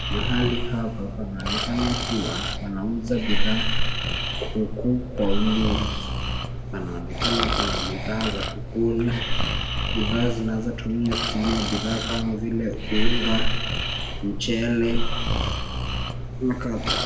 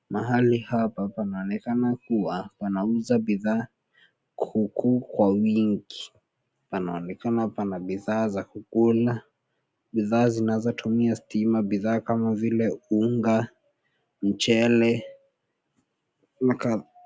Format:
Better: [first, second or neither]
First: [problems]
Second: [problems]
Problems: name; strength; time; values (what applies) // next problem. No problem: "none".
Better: second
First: background sound (Breathing); 3 dB above the speech // room echo; dies away in 0.8 s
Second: none